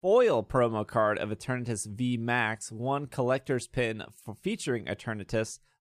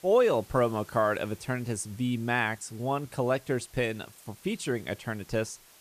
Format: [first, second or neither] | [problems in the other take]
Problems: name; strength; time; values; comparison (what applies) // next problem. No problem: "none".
first | hiss; faint; throughout; 25 dB below the speech